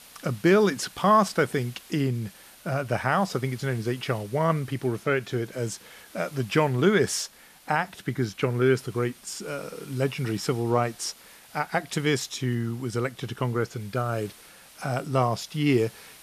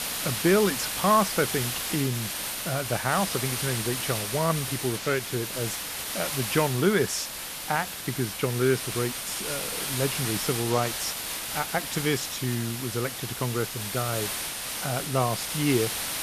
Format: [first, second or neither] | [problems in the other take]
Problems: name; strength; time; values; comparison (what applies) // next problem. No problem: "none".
first | hiss; loud; throughout; 2 dB below the speech; faint in the first